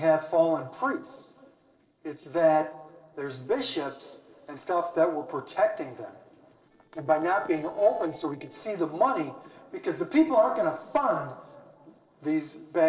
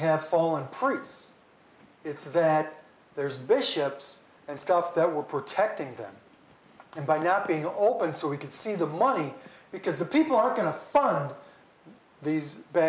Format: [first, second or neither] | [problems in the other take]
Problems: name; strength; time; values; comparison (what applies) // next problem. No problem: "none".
second | noise reduction (neural separator model SepFormer DNS4)